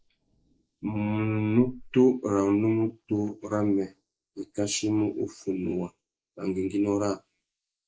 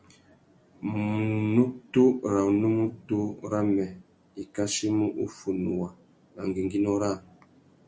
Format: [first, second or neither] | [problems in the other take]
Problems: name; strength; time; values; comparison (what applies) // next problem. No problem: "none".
second | noise reduction (neural mask model Resemble Enhance denoiser)